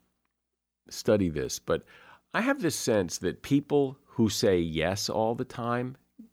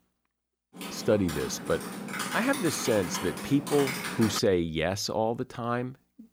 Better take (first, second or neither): first